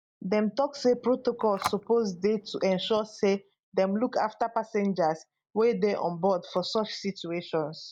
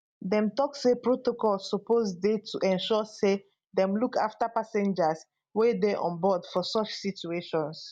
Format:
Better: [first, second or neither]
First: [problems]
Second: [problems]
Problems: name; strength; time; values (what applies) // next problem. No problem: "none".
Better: second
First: noise reduction (neural mask model Resemble Enhance denoiser)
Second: none